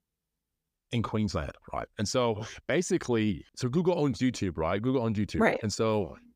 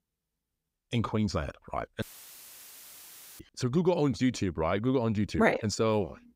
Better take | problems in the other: first | audio cutting out; filled with static; at 2 s for 1.5 s

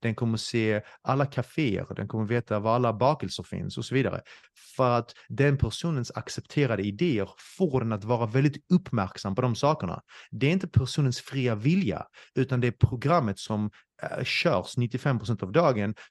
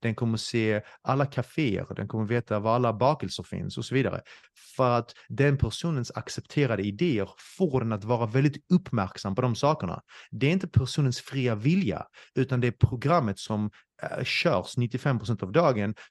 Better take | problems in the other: neither | none

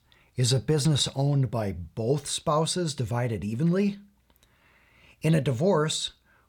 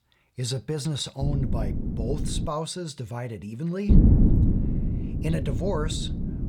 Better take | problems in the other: first | wind noise on the microphone; heavy; from 1 to 2.5 s and from 4 s on; 2 dB below the speech

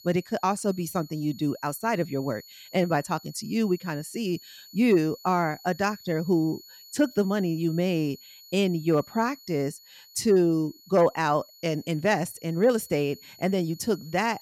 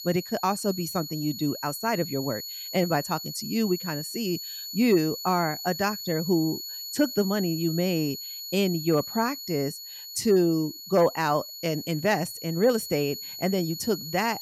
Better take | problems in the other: first | high-pitched whine; loud; throughout; 4.5 kHz, 8 dB below the speech; faint in the first

